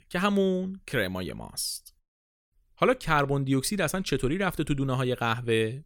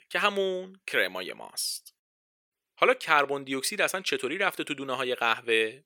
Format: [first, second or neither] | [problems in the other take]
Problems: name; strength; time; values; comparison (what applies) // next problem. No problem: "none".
first | thin; somewhat; fading below 450 Hz